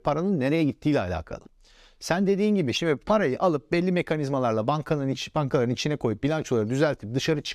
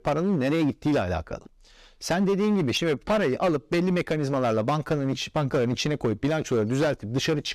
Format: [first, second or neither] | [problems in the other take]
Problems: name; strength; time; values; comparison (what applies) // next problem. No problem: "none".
first | distortion; slight; 10% of the sound clipped